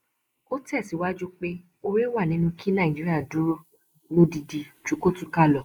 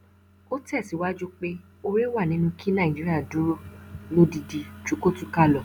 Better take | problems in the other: second | noise reduction (neural mask model Resemble Enhance denoiser)

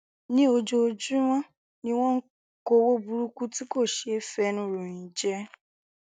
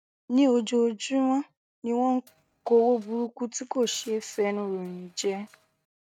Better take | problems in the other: first | noise reduction (neural mask model RNNoise)

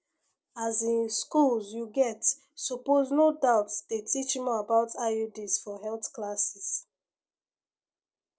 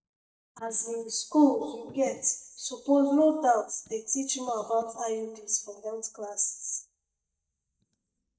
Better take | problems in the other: first | noise reduction (neural mask model DeepFilterNet 3)

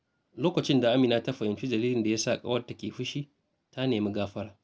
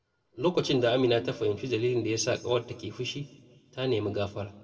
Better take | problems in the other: first | room echo; dies away in 1.1 s

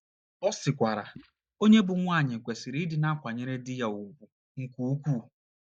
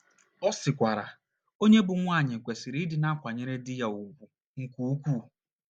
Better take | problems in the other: second | noise reduction (neural mask model DeepFilterNet 3)

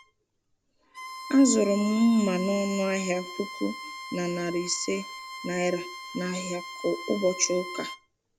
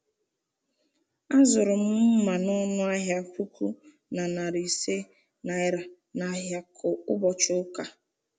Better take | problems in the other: second | background sound (Bowed string instrument); 12 dB below the speech

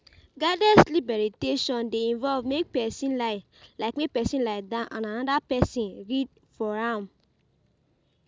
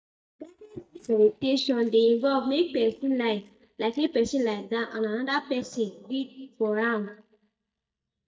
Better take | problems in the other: first | noise reduction (neural mask model DeepFilterNet 3)

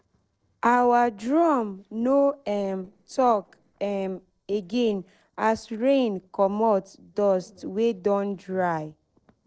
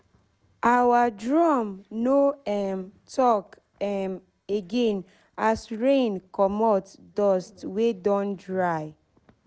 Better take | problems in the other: second | noise reduction (neural separator model SepFormer DNS4)

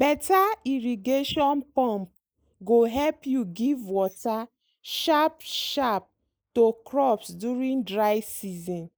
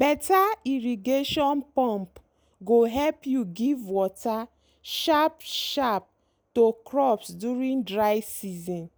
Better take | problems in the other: second | noise reduction (neural mask model Resemble Enhance denoiser)

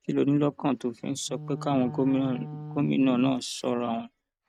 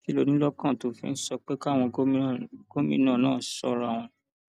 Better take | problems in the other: second | noise reduction (neural mask model RNNoise)

